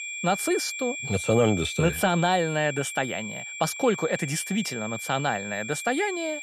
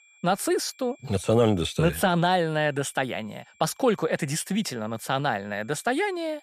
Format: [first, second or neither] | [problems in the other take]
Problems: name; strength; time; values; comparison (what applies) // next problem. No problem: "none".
second | high-pitched whine; loud; throughout; 2.5 kHz, 7 dB below the speech; faint in the second